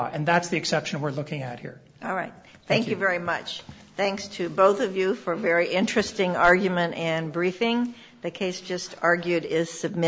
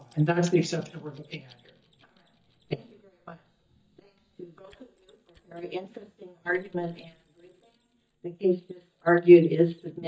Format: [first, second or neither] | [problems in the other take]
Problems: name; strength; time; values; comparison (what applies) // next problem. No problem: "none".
first | noise reduction (neural mask model DeepFilterNet 3)